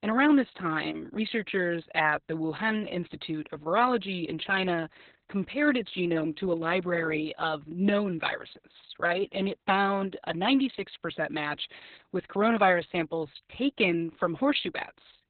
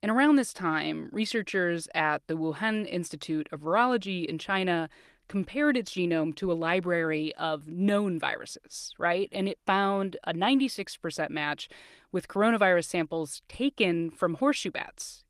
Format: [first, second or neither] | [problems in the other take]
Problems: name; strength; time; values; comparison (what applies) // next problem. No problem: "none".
second | garbled, watery; badly; nothing above 4 kHz; slightly in the second